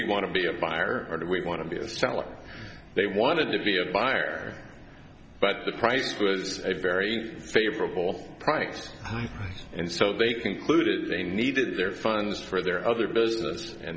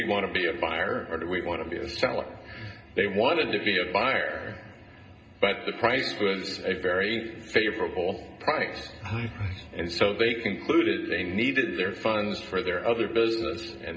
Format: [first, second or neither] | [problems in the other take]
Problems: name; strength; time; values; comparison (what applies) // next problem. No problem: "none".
first | room echo; dies away in 0.2 s